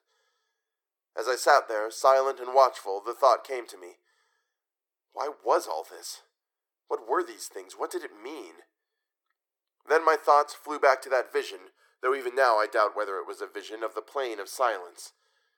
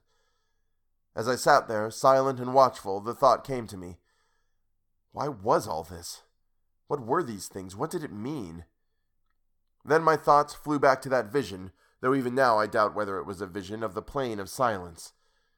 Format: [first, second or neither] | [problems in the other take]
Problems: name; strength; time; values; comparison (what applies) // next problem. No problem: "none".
second | thin; very; fading below 350 Hz